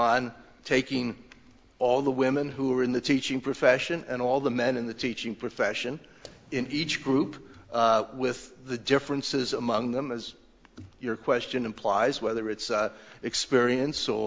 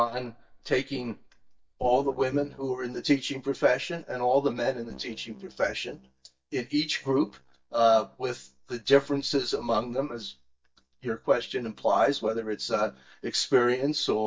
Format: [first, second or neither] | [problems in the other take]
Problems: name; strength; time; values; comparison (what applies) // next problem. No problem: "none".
first | noise reduction (neural mask model DeepFilterNet 3)